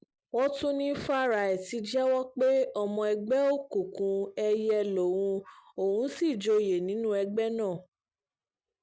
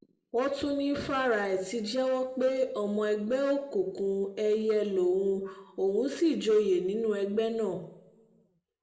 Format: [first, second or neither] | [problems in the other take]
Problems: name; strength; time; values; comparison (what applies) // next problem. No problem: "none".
first | room echo; dies away in 0.8 s